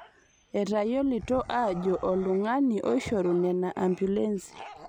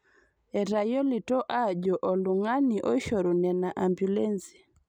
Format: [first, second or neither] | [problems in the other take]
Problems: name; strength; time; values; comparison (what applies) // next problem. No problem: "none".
second | background sound (Bark / Growling); 19 dB below the speech